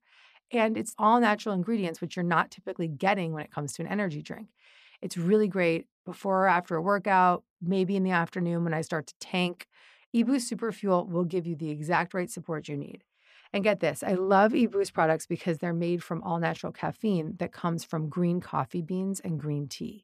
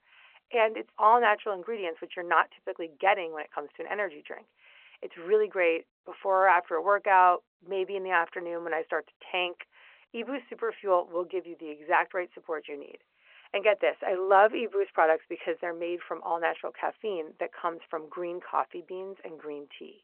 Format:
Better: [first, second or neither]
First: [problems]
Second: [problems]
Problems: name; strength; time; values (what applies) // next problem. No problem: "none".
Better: first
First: none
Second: phone-call audio